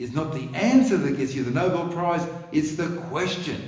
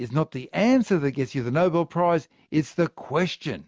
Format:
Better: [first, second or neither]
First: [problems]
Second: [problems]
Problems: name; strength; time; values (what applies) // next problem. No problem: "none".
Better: second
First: room echo; dies away in 1 s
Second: none